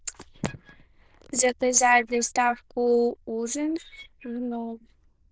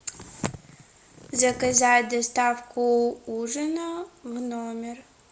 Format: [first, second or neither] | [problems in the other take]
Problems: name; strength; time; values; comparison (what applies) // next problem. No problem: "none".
second | noise reduction (neural diffusion model UNIVERSE++)